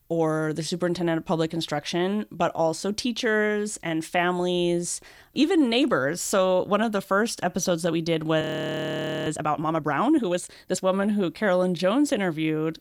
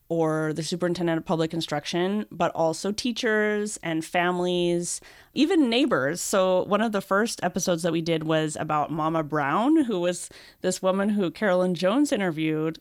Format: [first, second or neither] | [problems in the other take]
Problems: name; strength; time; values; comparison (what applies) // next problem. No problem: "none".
second | audio freezing; at 8.5 s for 1 s